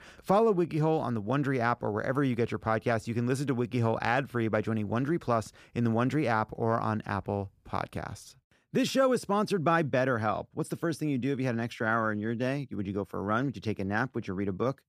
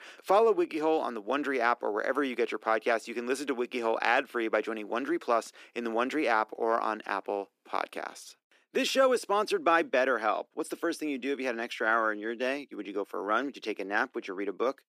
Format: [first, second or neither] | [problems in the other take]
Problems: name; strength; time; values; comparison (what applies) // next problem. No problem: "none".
first | thin; somewhat; fading below 300 Hz